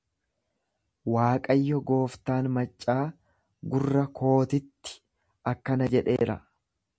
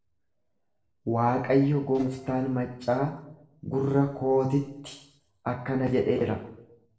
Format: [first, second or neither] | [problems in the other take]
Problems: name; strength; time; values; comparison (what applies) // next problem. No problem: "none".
first | noise reduction (neural separator model SepFormer DNS4)